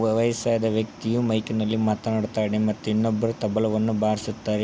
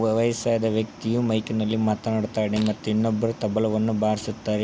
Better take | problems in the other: first | background sound (Fart); 19 dB below the speech

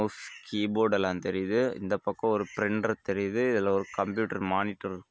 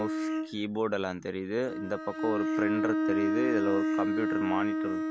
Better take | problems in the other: first | background sound (Bowed string instrument); 3 dB above the speech

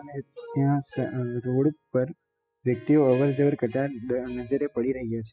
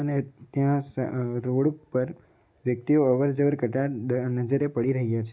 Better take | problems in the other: second | noise reduction (classical method spectral subtraction)

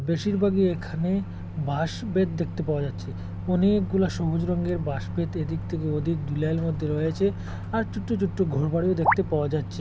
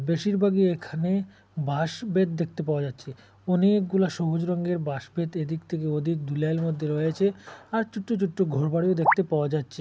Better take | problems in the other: second | background sound (Microwave oven); 8 dB below the speech

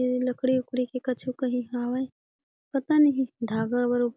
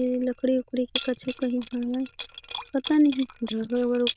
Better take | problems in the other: first | noise reduction (neural diffusion model UNIVERSE++)

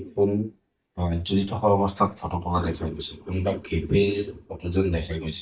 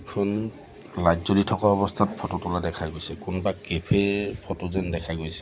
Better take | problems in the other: second | noise reduction (neural mask model DeepFilterNet 3)

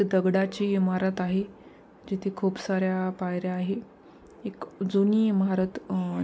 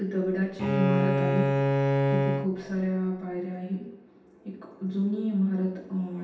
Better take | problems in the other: first | background sound (Bowed string instrument); 3 dB above the speech // room echo; dies away in 0.9 s

